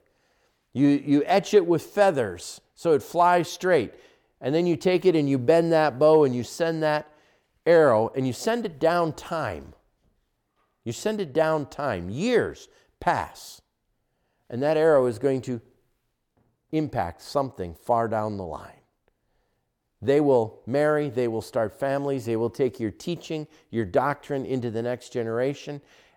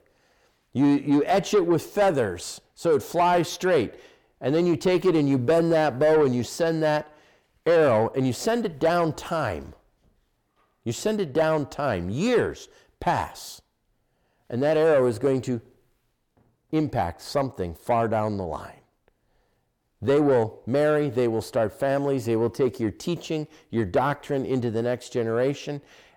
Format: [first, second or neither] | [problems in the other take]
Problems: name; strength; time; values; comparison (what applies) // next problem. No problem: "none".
first | distortion; slight; 10 dB below the speech